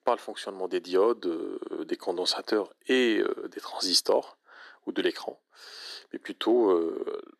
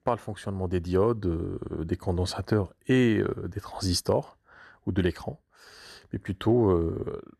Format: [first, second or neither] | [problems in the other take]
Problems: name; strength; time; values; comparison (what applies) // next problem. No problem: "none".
second | thin; somewhat; fading below 300 Hz